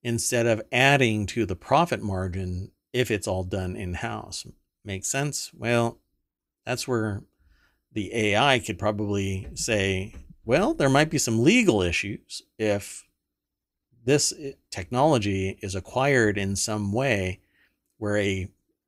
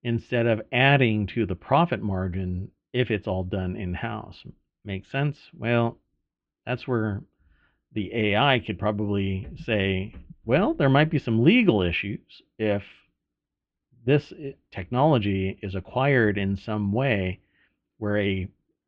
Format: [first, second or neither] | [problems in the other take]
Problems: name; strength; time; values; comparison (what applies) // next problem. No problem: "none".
first | muffled; very; fading above 3.5 kHz